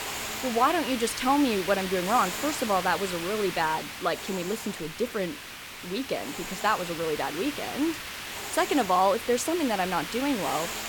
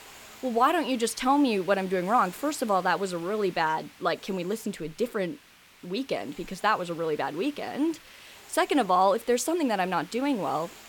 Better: second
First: hiss; loud; throughout; 7 dB below the speech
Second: hiss; faint; throughout; 20 dB below the speech

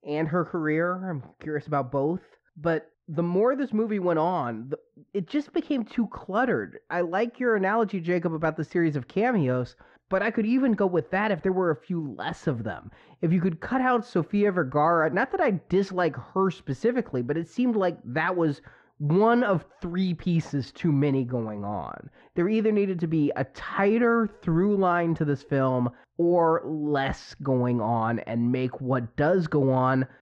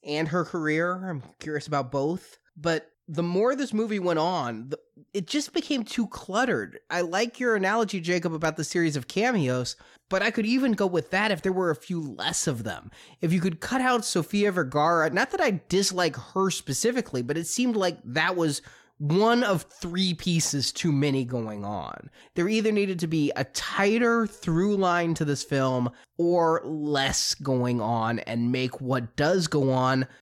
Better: second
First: muffled; very; fading above 1.5 kHz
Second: none

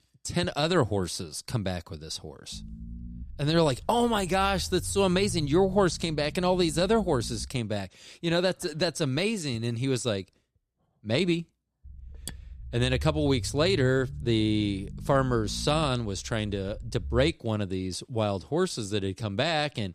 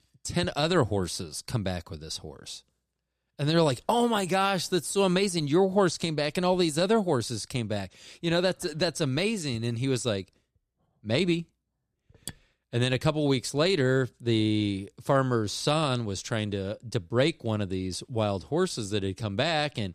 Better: second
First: low rumble; faint; from 2.5 to 7.5 s and from 12 to 17 s; 25 dB below the speech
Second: none

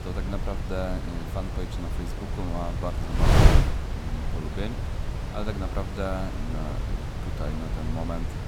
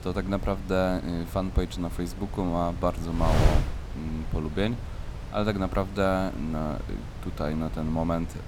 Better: second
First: wind noise on the microphone; heavy; 2 dB above the speech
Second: wind noise on the microphone; occasional gusts; 10 dB below the speech

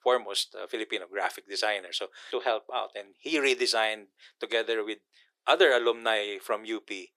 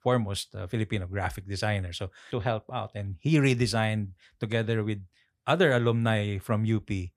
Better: second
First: thin; very; fading below 350 Hz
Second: none

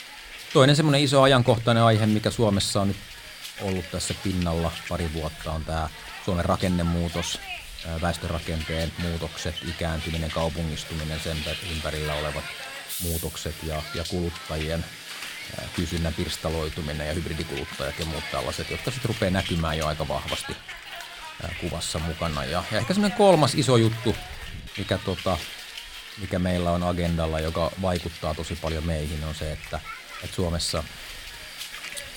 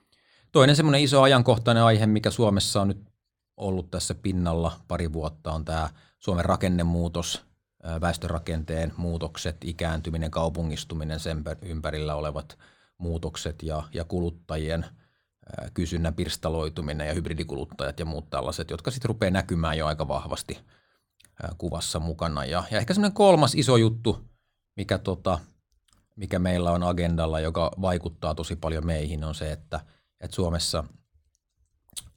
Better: second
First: hiss; loud; throughout; 9 dB below the speech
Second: none

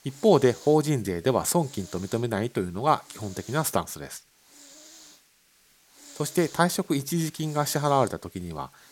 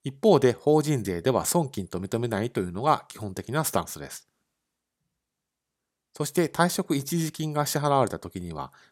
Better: second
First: hiss; faint; throughout; 20 dB below the speech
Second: none

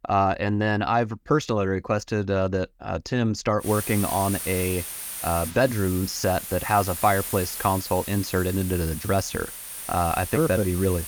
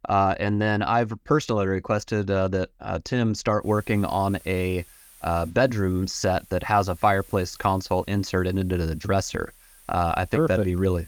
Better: second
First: hiss; loud; from 3.5 s on; 7 dB below the speech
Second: hiss; faint; from 3.5 s on; 25 dB below the speech

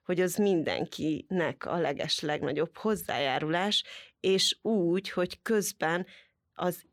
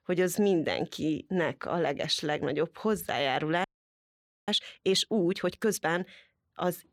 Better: first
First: none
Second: audio freezing; at 3.5 s for 1 s

